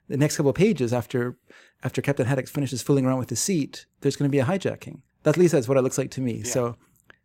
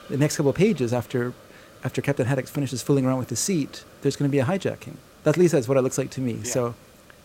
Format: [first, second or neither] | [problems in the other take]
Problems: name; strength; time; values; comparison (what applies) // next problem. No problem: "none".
first | hiss; faint; throughout; 25 dB below the speech